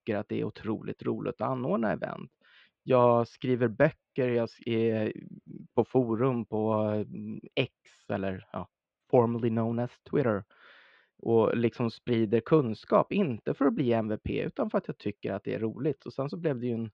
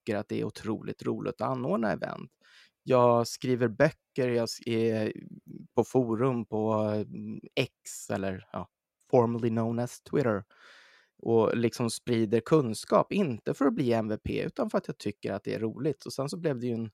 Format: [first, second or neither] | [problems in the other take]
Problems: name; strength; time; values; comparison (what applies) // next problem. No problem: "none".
second | muffled; slightly; fading above 3.5 kHz